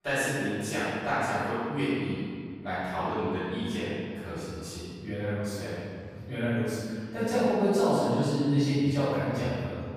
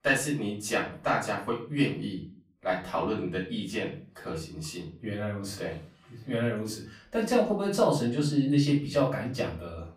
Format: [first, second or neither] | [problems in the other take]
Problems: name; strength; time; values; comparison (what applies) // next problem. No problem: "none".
second | room echo; strong; dies away in 2.1 s; slight in the second // off-mic speech; far; far in the second